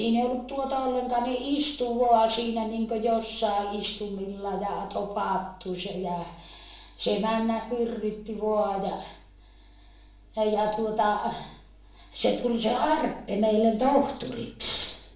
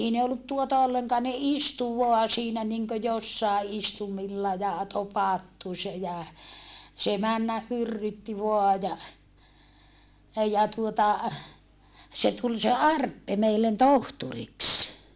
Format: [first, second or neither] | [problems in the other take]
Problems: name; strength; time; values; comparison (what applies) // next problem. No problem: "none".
second | room echo; dies away in 0.5 s